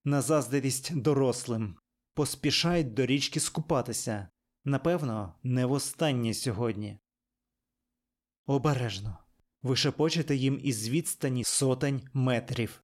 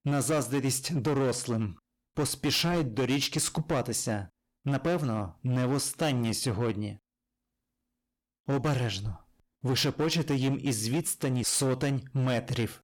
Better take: first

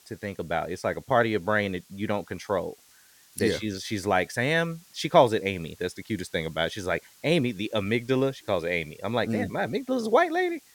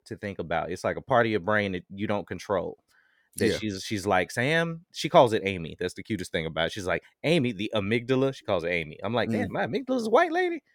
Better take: second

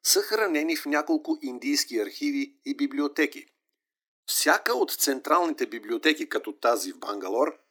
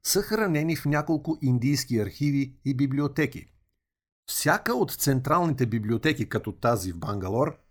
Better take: second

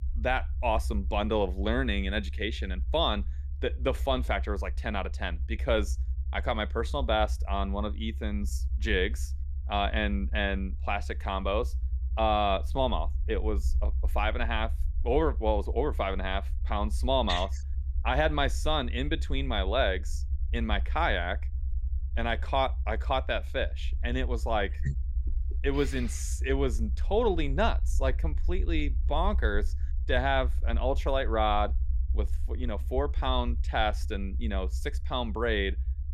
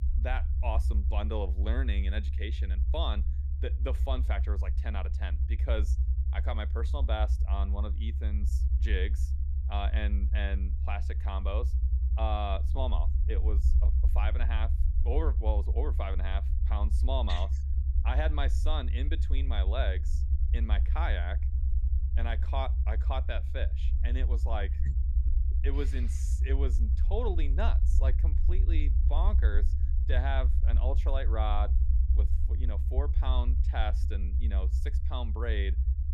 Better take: first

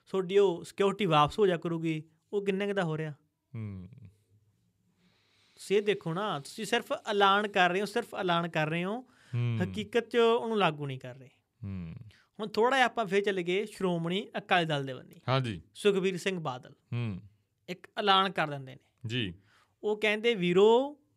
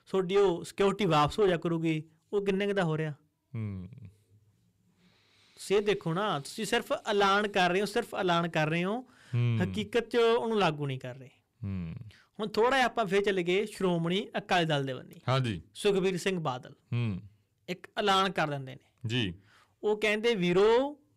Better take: first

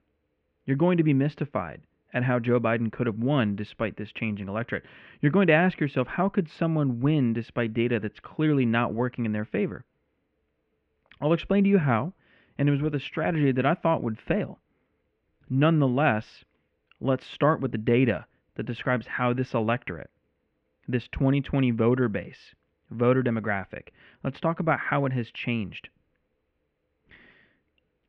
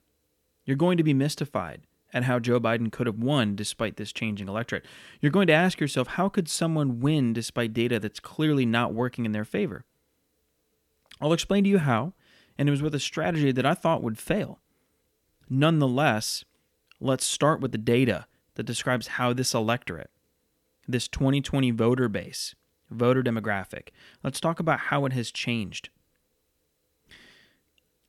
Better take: second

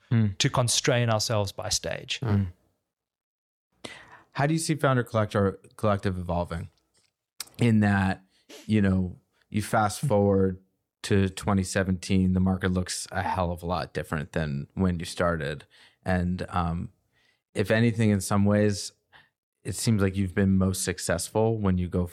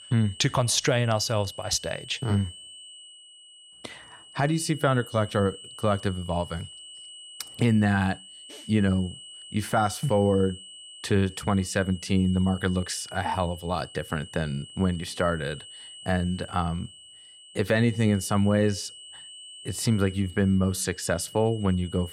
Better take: first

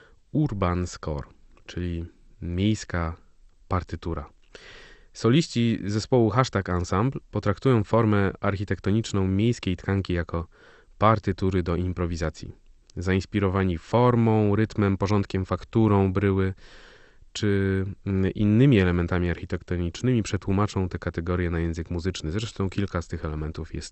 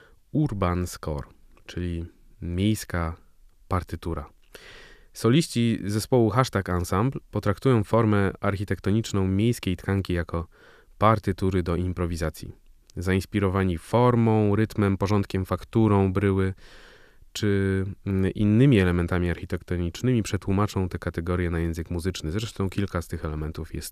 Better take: second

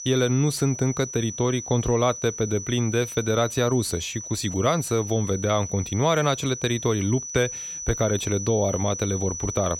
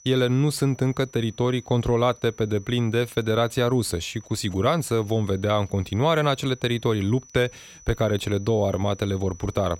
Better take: second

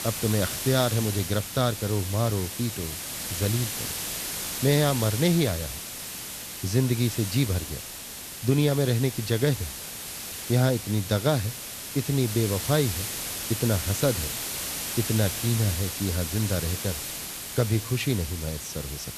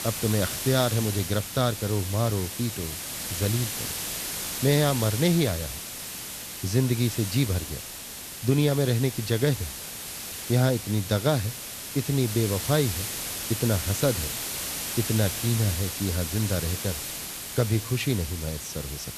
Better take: neither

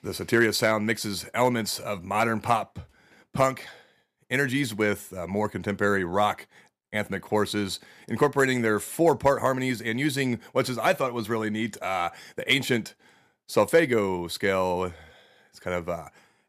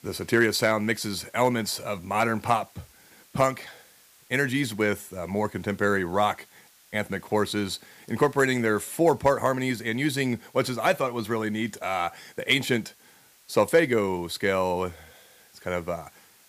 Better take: first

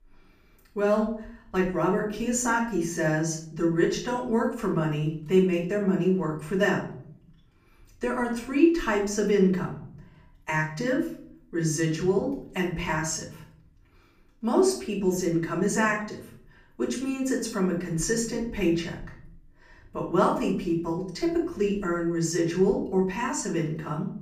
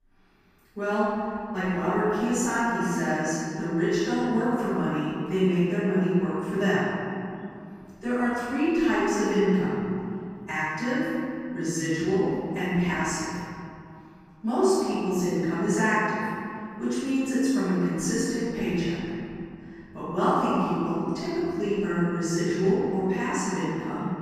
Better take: first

